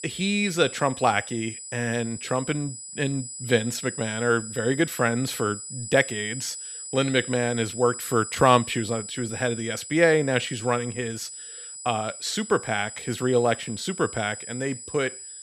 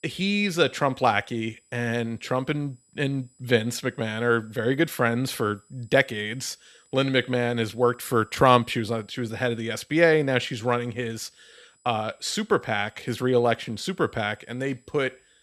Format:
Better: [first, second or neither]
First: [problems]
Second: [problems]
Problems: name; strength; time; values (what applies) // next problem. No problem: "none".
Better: second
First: high-pitched whine; loud; throughout; 8 kHz, 10 dB below the speech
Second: high-pitched whine; faint; throughout; 8 kHz, 35 dB below the speech